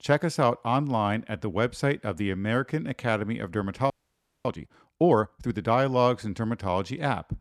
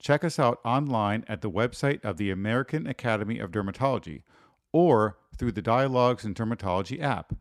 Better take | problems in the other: second | audio freezing; at 4 s for 0.5 s

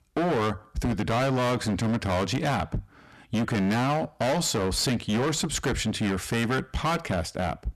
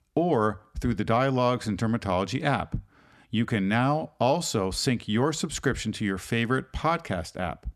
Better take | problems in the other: second | distortion; heavy; 25% of the sound clipped

